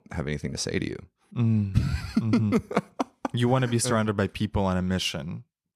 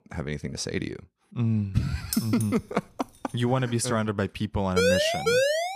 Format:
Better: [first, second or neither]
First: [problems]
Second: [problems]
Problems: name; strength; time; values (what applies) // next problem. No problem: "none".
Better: first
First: none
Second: jangling keys; noticeable; at 2 s; peak 5 dB below the speech // siren; loud; at 5 s; peak 6 dB above the speech